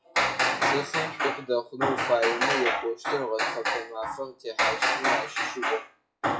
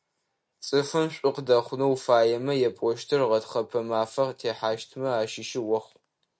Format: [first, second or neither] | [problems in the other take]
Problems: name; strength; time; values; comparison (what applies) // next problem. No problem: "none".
second | noise reduction (classical method WPE with log-MMSE)